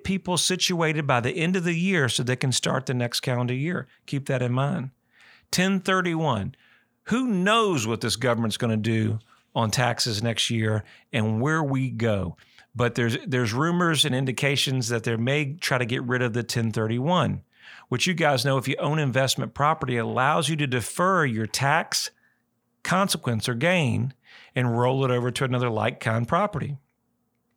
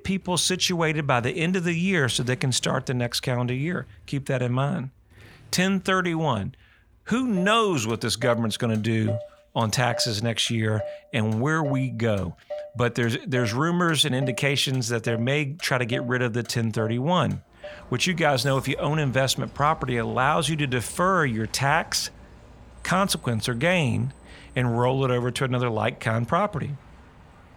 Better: first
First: none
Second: traffic noise; noticeable; throughout; 20 dB below the speech

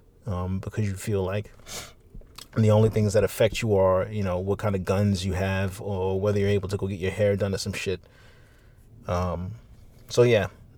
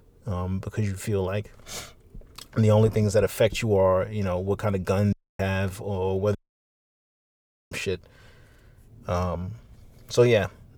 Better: first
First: none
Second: audio cutting out; at 5 s and at 6.5 s for 1.5 s

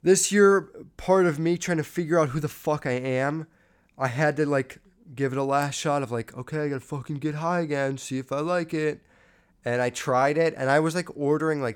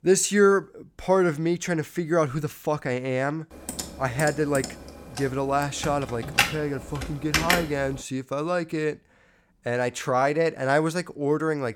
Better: first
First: none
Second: keyboard typing; loud; from 3.5 to 7.5 s; peak 3 dB above the speech

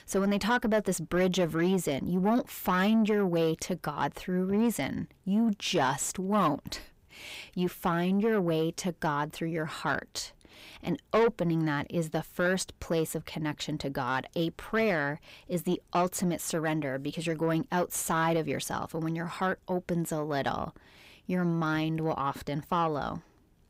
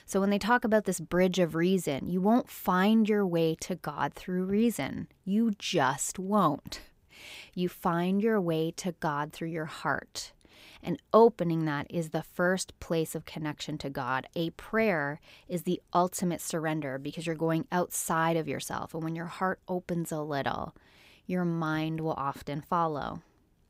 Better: second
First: distortion; slight; 10 dB below the speech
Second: none

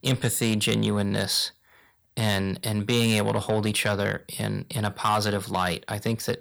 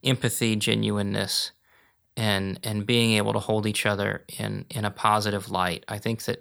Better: second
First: distortion; slight; 10 dB below the speech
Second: none

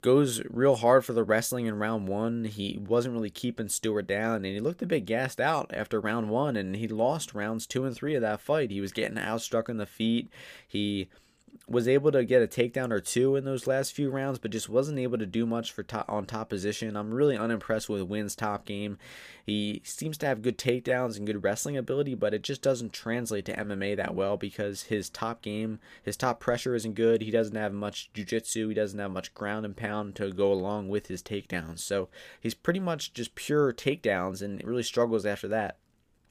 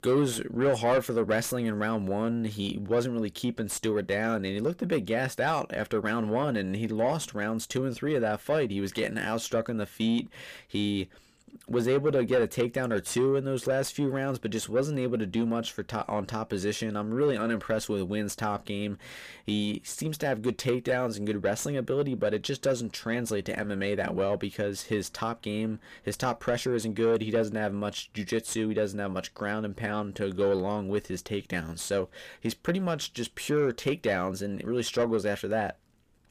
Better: first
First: none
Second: distortion; slight; 10 dB below the speech

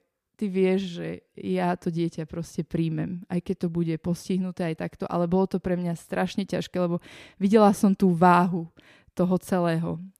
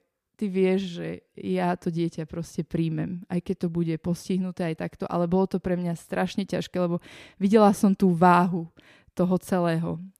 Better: neither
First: none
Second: none

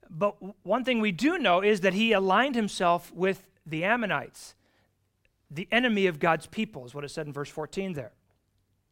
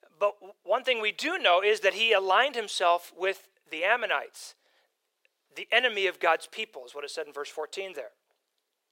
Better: first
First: none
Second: thin; very; fading below 450 Hz

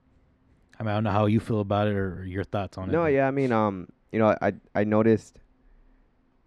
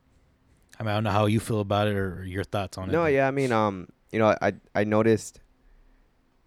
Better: second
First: muffled; slightly; fading above 2 kHz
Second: none

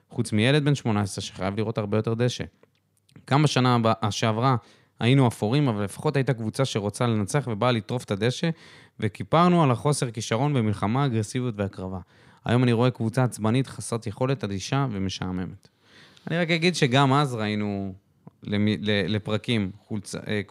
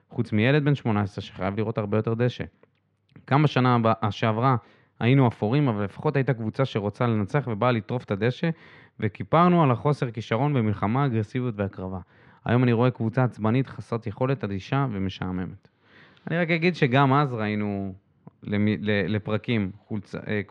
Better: first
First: none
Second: muffled; slightly; fading above 2 kHz

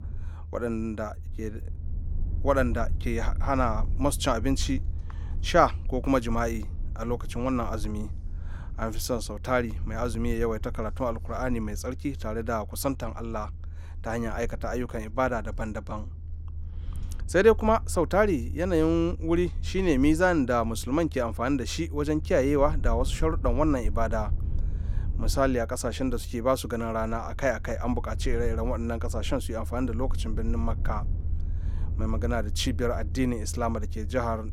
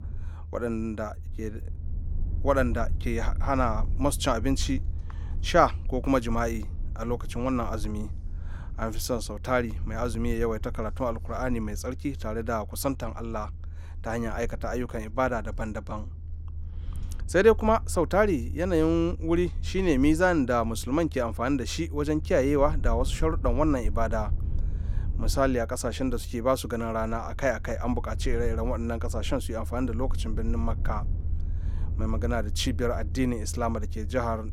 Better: neither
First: low rumble; faint; throughout; 25 dB below the speech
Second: low rumble; faint; throughout; 25 dB below the speech

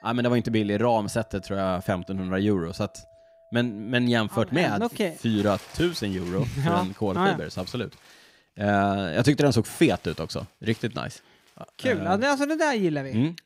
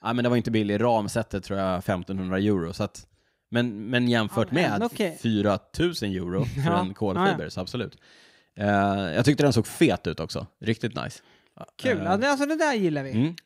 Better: second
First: household noises; faint; throughout; 25 dB below the speech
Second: none

